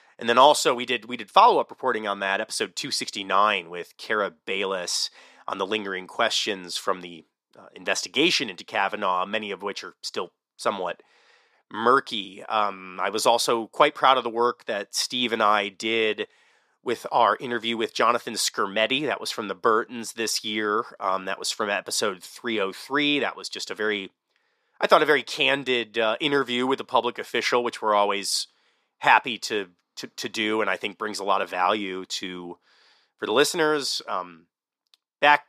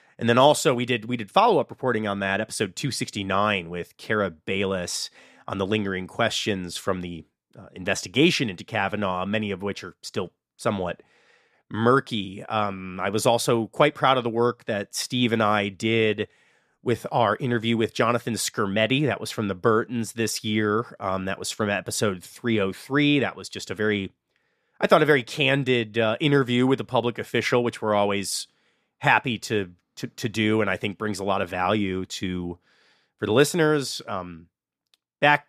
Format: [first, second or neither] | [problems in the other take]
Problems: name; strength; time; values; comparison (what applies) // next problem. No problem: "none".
second | thin; somewhat; fading below 300 Hz